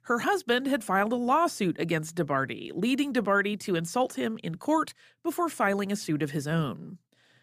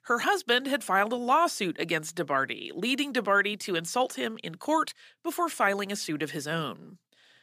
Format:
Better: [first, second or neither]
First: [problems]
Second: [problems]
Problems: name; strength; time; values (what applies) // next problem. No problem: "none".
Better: first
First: none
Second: thin; very slightly; fading below 450 Hz